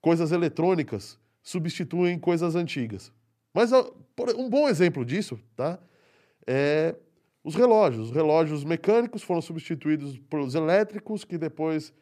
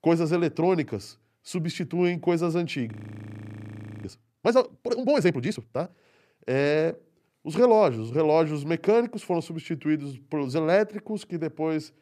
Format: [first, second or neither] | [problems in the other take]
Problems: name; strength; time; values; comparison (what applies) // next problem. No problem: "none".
first | audio freezing; at 3 s for 1 s